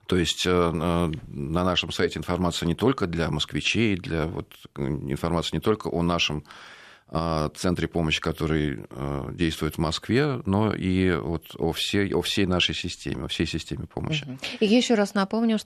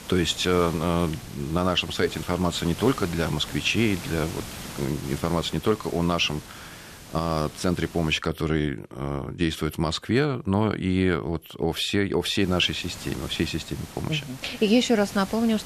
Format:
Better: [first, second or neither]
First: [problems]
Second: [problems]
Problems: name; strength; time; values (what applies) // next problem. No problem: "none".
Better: first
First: none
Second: hiss; noticeable; until 8 s and from 12 s on; 15 dB below the speech